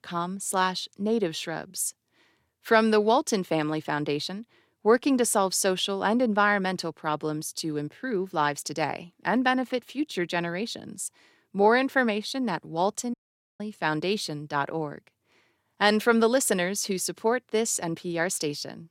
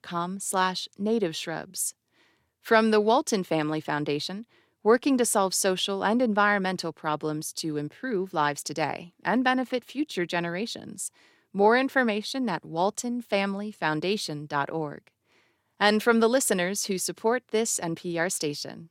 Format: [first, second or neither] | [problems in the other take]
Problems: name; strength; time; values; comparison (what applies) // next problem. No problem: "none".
second | audio cutting out; at 13 s